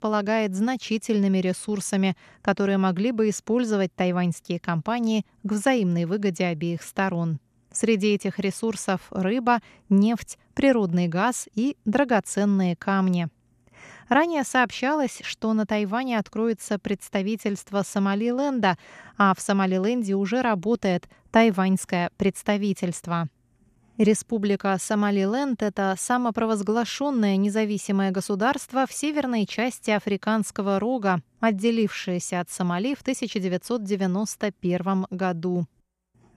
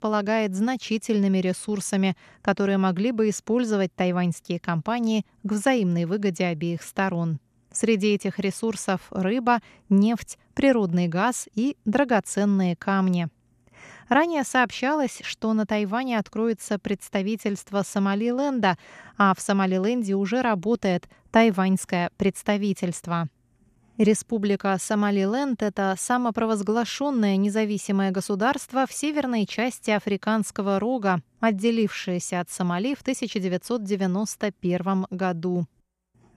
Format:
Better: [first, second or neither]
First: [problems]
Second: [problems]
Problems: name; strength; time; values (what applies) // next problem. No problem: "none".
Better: neither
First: none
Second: none